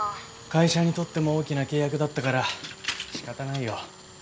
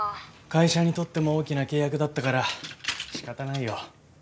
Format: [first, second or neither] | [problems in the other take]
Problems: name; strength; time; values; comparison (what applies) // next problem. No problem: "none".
second | background sound (Tools); 19 dB below the speech